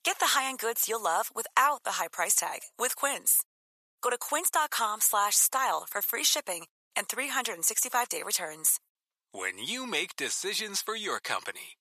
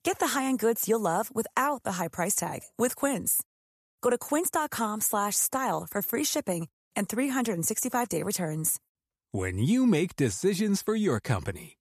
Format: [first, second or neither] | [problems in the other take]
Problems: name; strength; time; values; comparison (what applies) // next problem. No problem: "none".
second | thin; very; fading below 800 Hz